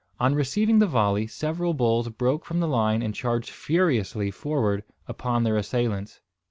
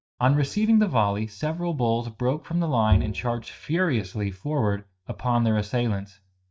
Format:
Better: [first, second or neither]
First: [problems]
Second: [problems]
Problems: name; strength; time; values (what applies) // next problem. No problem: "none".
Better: first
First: none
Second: noise reduction (neural mask model DeepFilterNet 3)